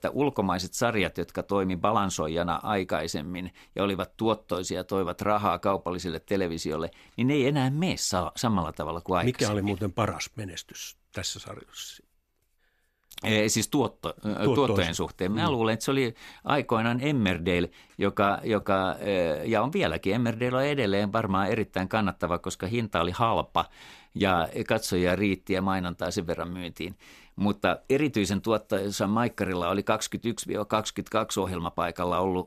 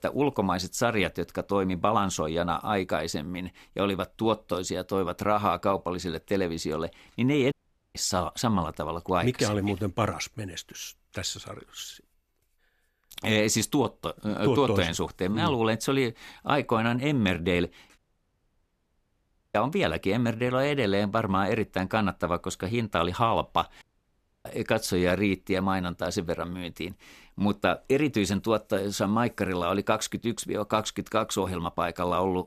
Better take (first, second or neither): first